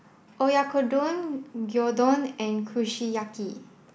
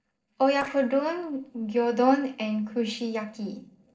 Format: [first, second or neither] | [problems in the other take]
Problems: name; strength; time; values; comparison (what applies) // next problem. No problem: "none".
first | noise reduction (neural separator model SepFormer DNS4)